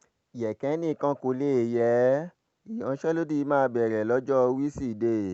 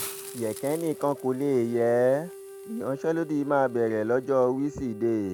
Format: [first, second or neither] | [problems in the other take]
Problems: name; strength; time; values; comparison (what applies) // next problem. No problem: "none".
first | background sound (Wind instrument, woodwind instrument + Hiss); 15 dB below the speech